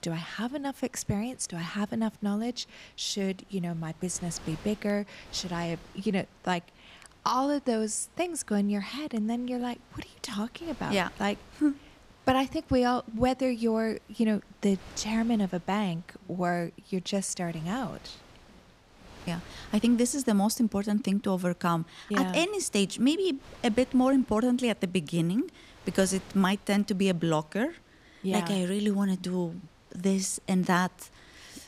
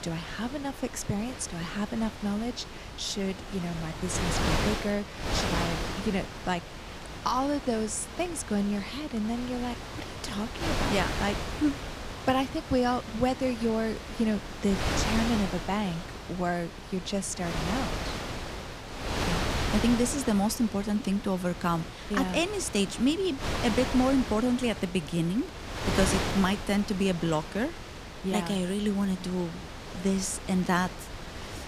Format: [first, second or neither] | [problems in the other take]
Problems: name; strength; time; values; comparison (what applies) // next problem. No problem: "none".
first | wind noise on the microphone; heavy; 4 dB below the speech; occasional gusts in the first